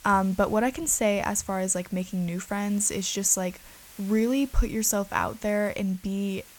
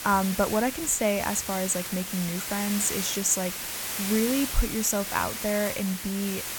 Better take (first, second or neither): first